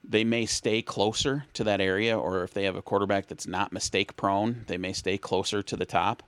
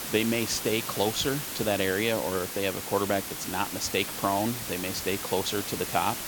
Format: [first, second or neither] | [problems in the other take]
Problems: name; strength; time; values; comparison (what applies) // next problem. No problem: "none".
first | hiss; loud; throughout; 4 dB below the speech